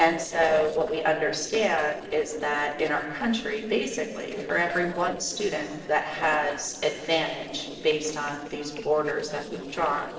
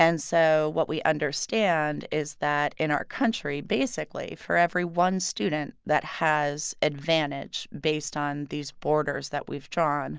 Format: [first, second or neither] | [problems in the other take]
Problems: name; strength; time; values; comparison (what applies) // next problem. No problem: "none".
second | noise reduction (neural separator model SepFormer DNS4)